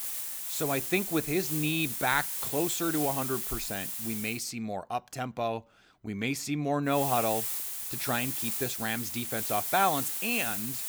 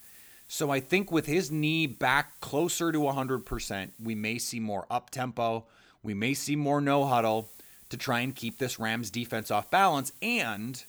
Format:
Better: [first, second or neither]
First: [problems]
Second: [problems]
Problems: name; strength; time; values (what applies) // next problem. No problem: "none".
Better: second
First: hiss; loud; until 4.5 s and from 7 s on; 1 dB below the speech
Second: hiss; faint; until 4.5 s and from 7 s on; 20 dB below the speech